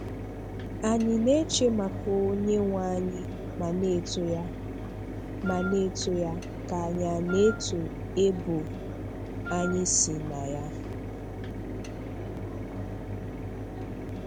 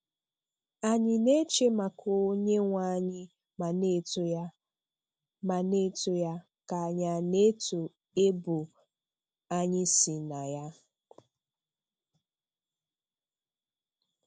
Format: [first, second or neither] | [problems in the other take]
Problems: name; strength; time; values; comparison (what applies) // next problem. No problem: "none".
second | background sound (Wind instrument, woodwind instrument + Mechanisms); 5 dB below the speech